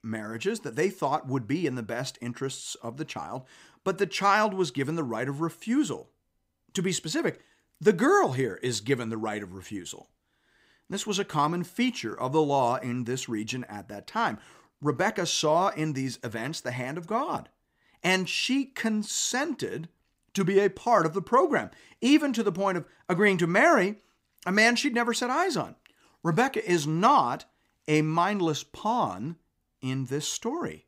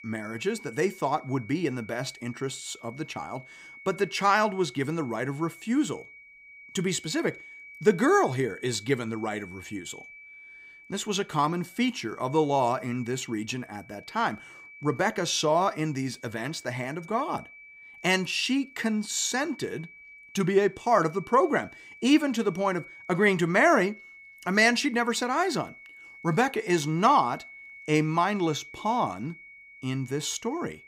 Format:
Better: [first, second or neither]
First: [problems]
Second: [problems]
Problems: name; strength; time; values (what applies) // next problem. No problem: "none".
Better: first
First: none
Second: high-pitched whine; noticeable; throughout; 2.5 kHz, 20 dB below the speech